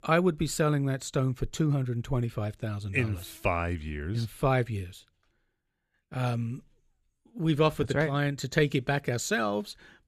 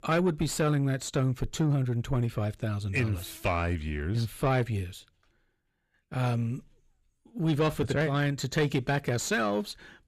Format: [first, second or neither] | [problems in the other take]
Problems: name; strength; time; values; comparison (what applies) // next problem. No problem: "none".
first | distortion; slight; 10 dB below the speech